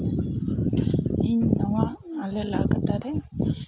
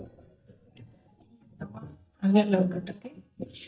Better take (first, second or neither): first